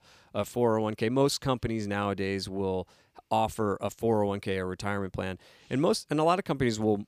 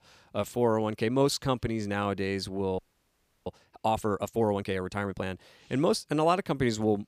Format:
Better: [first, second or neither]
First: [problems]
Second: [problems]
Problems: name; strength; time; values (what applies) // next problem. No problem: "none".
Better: first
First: none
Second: audio freezing; at 3 s for 0.5 s